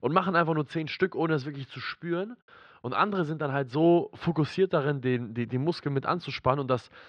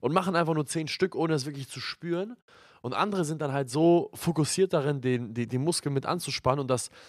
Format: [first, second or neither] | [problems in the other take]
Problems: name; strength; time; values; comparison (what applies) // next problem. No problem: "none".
second | muffled; slightly; fading above 3.5 kHz